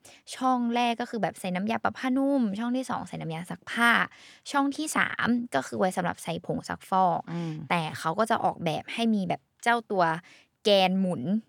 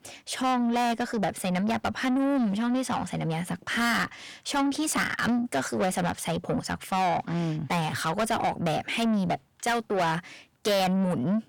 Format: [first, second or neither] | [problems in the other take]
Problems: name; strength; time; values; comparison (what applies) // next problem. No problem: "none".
first | distortion; heavy; 6 dB below the speech